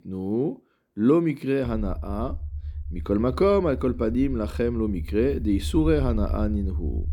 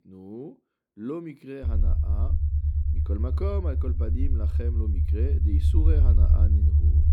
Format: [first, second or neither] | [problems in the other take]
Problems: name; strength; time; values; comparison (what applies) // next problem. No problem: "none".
first | low rumble; loud; from 1.5 s on; 2 dB below the speech; faint in the first